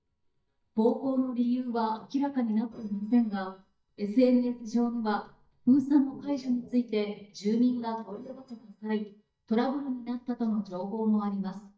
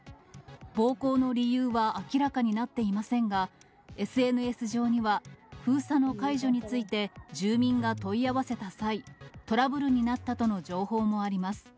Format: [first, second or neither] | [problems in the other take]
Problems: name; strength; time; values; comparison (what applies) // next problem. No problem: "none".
second | noise reduction (neural mask model DeepFilterNet 3)